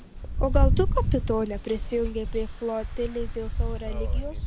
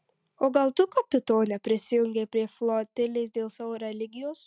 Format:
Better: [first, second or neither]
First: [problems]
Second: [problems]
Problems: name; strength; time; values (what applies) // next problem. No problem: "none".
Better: second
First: background sound (Rain); 3 dB above the speech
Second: none